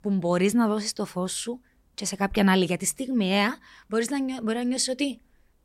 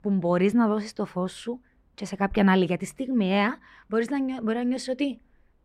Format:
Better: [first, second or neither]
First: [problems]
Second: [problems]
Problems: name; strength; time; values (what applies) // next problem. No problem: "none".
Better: first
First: none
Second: muffled; slightly; fading above 3.5 kHz